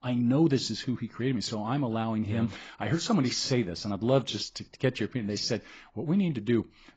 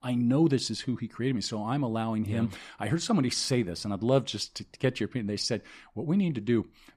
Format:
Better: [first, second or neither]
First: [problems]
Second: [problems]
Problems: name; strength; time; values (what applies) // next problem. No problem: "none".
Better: second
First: garbled, watery; badly; nothing above 7.5 kHz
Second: none